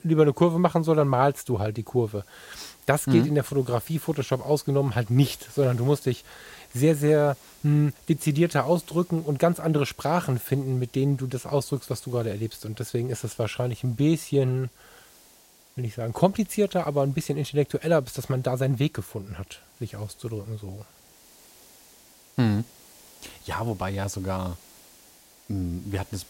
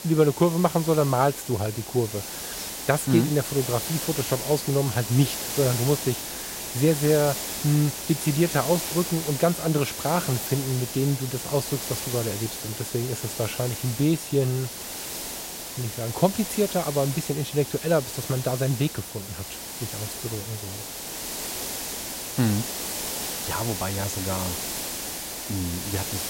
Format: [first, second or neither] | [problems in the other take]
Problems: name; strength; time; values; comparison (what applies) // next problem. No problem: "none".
first | hiss; loud; throughout; 5 dB below the speech; faint in the first